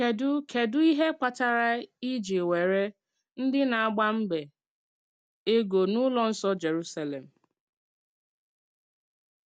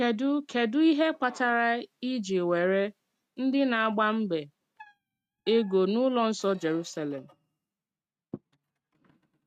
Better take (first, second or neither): first